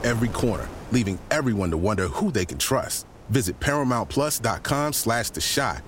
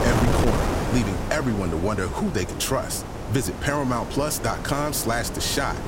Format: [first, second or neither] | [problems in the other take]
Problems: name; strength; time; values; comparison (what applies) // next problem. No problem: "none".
first | wind noise on the microphone; heavy; 4 dB below the speech; occasional gusts in the first